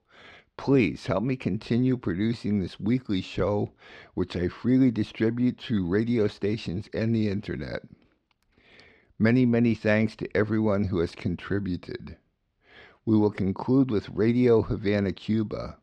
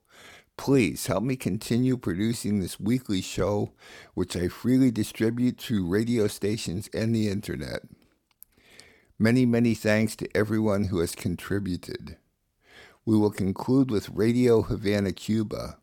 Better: second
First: muffled; very slightly; fading above 4 kHz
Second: none

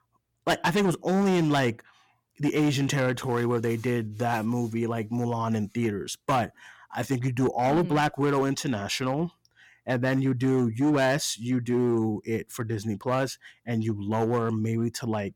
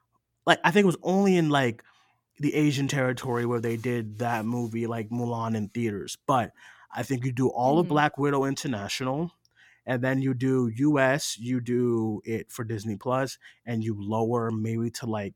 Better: second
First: distortion; slight; 7% of the sound clipped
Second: none

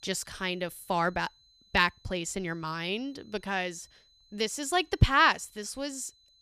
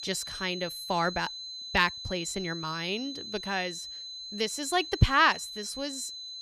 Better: first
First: high-pitched whine; faint; throughout; 4 kHz, 30 dB below the speech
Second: high-pitched whine; loud; throughout; 4 kHz, 8 dB below the speech

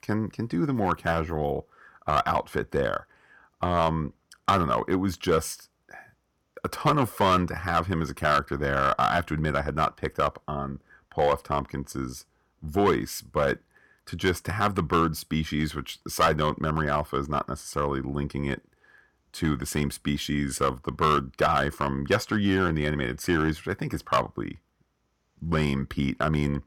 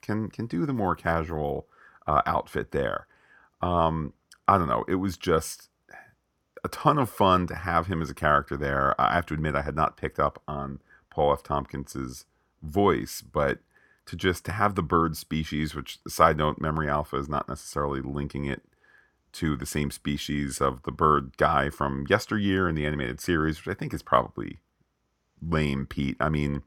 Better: second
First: distortion; slight; 1.9% of the sound clipped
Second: none

